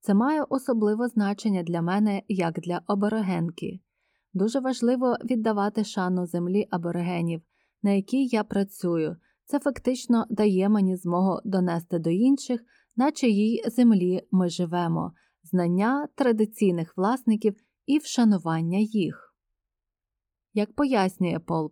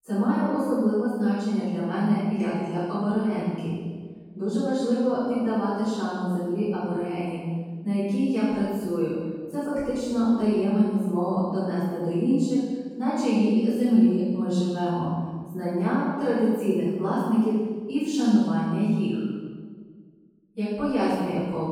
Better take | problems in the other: first | off-mic speech; far // room echo; strong; dies away in 1.3 s

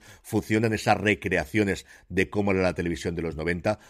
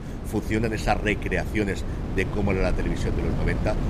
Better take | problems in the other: first | wind noise on the microphone; heavy; 9 dB below the speech

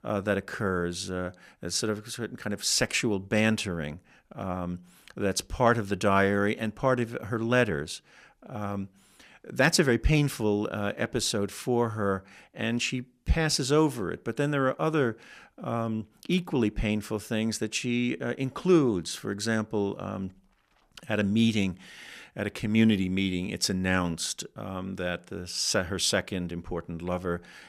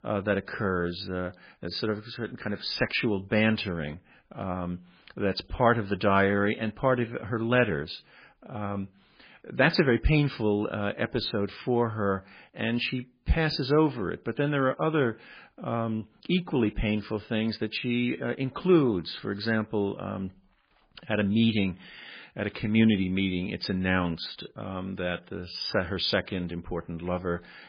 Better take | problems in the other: first | garbled, watery; badly; nothing above 5 kHz

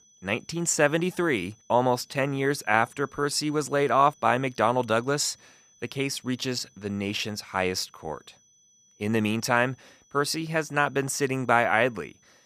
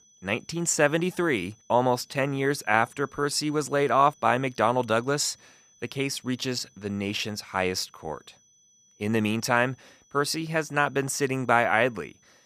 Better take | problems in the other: neither | high-pitched whine; faint; throughout; 6 kHz, 30 dB below the speech; the same in both

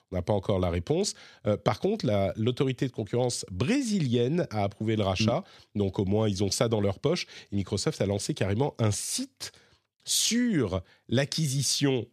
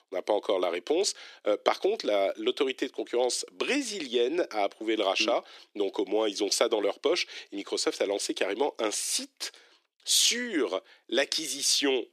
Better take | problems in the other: first | thin; somewhat; fading below 300 Hz

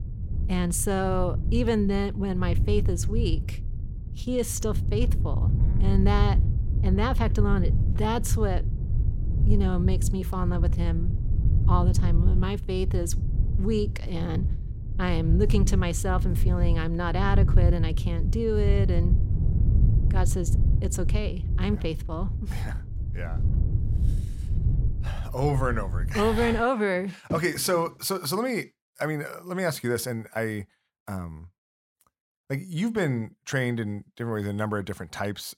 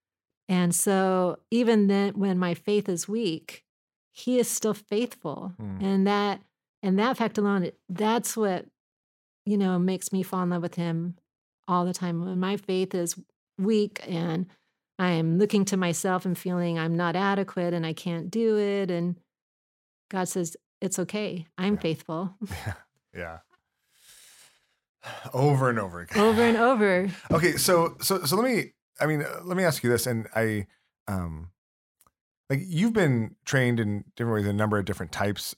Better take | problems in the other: second | wind noise on the microphone; occasional gusts; until 27 s; 10 dB below the speech

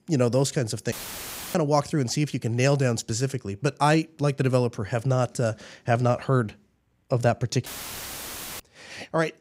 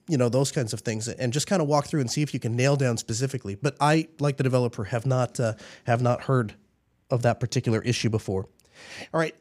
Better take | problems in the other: second | audio cutting out; filled with static; at 1 s for 0.5 s and at 7.5 s for 1 s

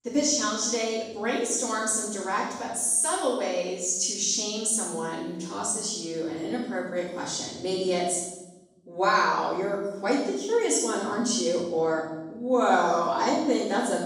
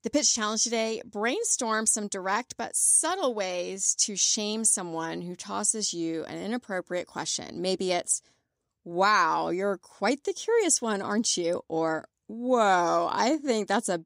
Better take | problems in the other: second | off-mic speech; far // room echo; strong; dies away in 0.9 s

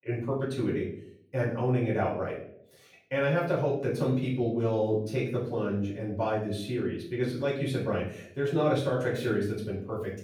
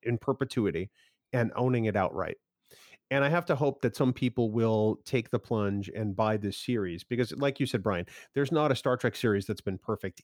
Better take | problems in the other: second | room echo; noticeable; dies away in 0.5 s // off-mic speech; far

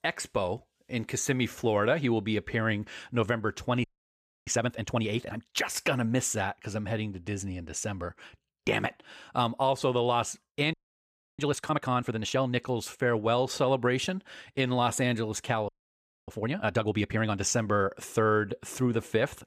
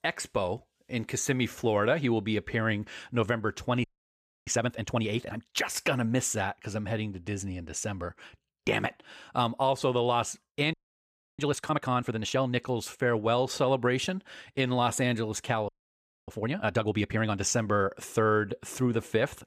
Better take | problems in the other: neither | audio freezing; at 4 s for 0.5 s, at 11 s for 0.5 s and at 16 s for 0.5 s; the same in both

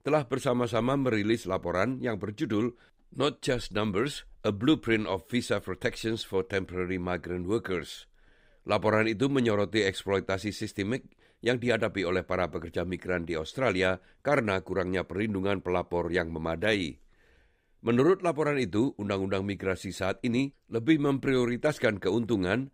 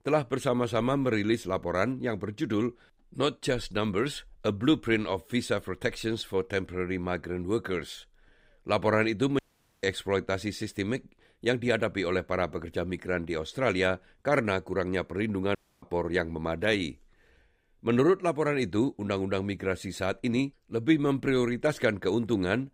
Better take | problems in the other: first | audio cutting out; at 9.5 s and at 16 s

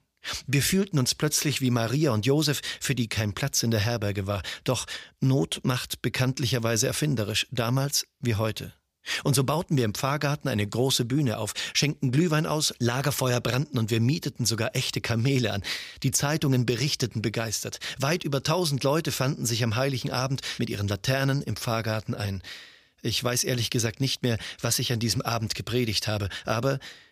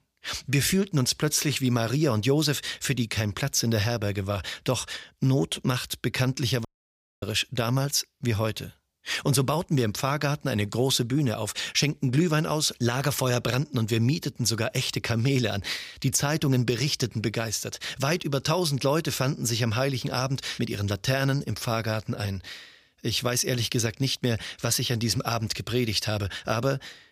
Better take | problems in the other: first | audio cutting out; at 6.5 s for 0.5 s

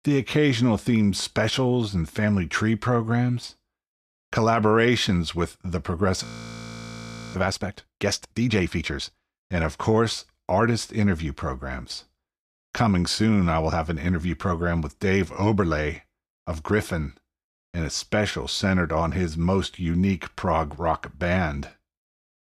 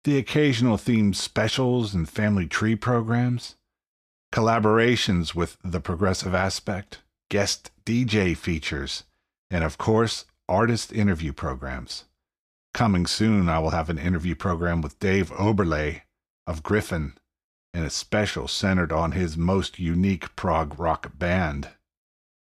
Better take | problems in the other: second | audio freezing; at 6 s for 1 s

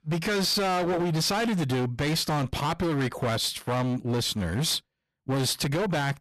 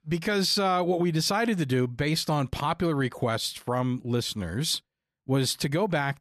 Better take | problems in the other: second | distortion; heavy; 30% of the sound clipped

